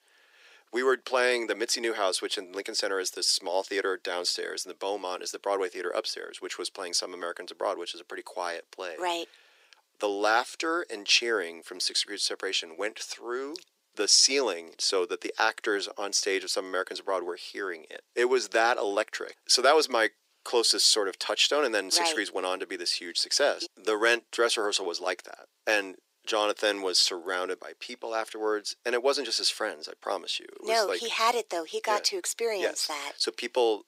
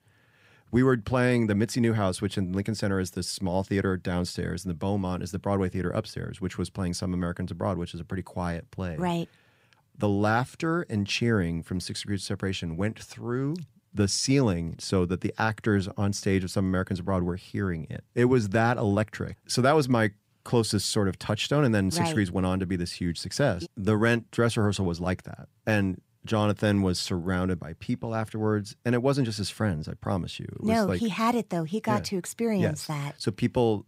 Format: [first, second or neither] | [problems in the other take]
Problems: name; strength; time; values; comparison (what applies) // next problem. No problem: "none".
second | thin; very; fading below 350 Hz